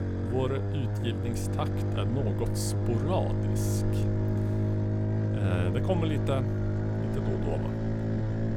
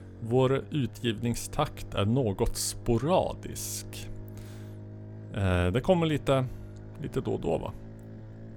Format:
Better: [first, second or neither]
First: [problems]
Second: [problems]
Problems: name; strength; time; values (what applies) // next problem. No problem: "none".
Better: second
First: low rumble; loud; throughout; 1 dB below the speech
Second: low rumble; faint; throughout; 20 dB below the speech